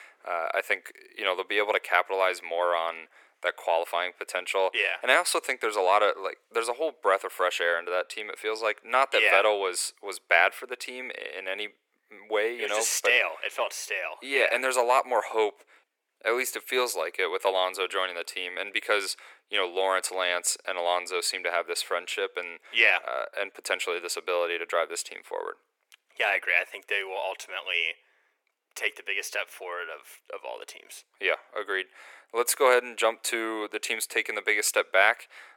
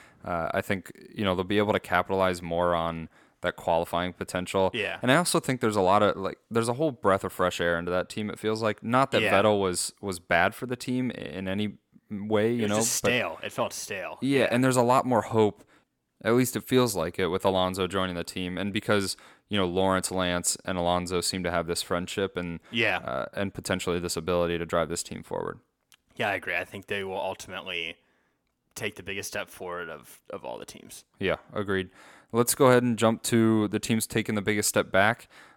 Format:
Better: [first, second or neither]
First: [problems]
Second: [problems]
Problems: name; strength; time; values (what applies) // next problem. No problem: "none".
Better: second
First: thin; very; fading below 400 Hz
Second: none